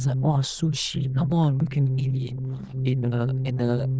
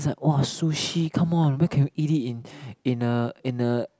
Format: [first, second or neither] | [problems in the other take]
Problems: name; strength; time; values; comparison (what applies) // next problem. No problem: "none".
second | noise reduction (neural diffusion model UNIVERSE++)